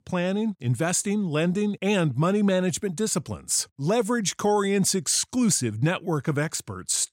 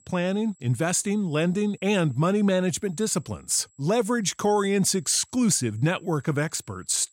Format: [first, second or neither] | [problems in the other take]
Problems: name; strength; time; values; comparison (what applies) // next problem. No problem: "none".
first | high-pitched whine; faint; throughout; 8 kHz, 35 dB below the speech